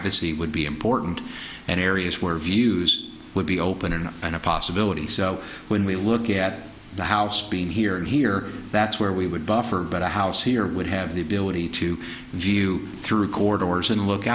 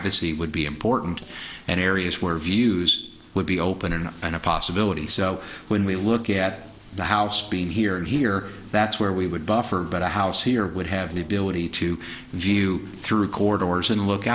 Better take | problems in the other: first | noise reduction (neural separator model SepFormer DNS4)

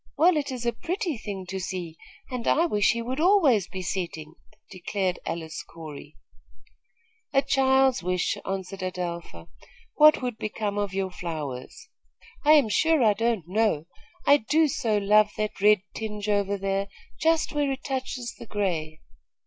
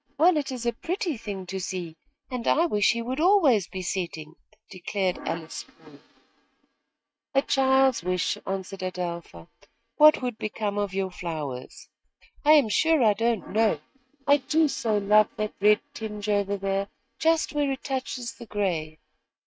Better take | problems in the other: first | noise reduction (neural mask model RNNoise)

